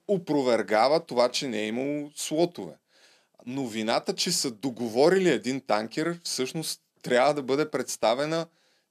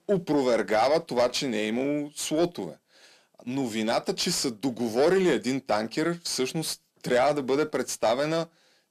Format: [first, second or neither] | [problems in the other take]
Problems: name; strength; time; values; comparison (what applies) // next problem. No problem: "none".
first | distortion; slight; 10 dB below the speech